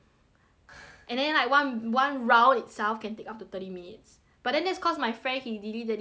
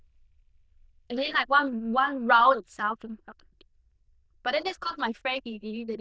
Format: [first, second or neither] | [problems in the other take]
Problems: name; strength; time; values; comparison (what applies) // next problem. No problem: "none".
first | noise reduction (neural diffusion model UNIVERSE++)